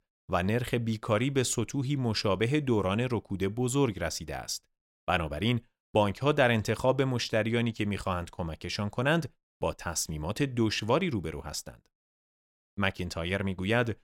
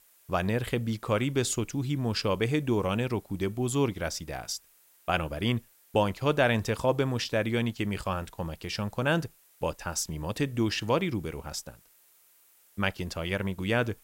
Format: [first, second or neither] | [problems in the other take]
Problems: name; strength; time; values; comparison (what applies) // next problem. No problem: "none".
first | hiss; faint; throughout; 30 dB below the speech